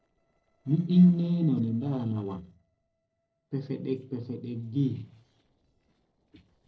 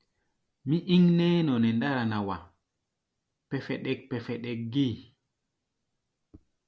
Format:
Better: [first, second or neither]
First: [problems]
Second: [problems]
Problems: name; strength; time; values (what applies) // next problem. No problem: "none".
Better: second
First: noise reduction (neural separator model SepFormer DNS4)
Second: none